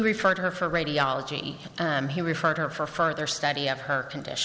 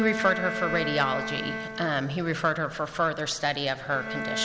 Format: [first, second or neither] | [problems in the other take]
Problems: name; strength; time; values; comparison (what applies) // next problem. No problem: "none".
first | background sound (Bowed string instrument); 7 dB below the speech